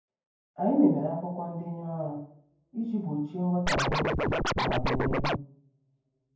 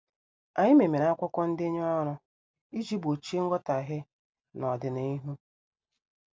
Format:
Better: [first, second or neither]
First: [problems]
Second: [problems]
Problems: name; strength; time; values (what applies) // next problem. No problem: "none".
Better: second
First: background sound (Scratching (performance technique)); 4 dB above the speech // room echo; dies away in 0.9 s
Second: none